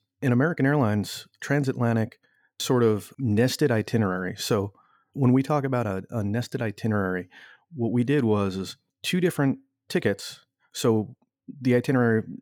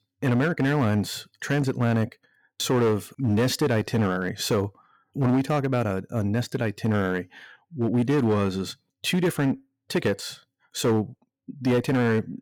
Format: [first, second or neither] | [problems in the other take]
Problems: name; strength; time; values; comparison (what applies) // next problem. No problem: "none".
first | distortion; slight; 9% of the sound clipped